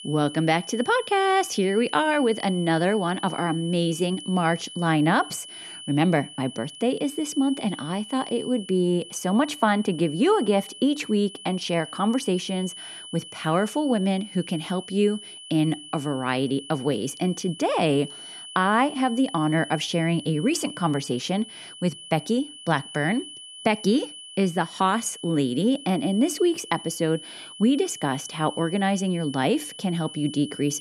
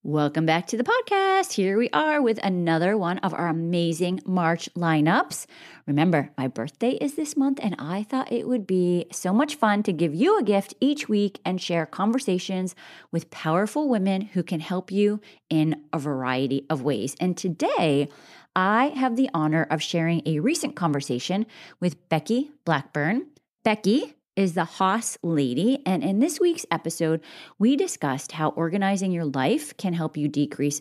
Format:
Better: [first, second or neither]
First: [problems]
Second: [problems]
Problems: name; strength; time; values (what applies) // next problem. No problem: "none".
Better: second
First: high-pitched whine; noticeable; throughout; 3 kHz, 15 dB below the speech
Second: none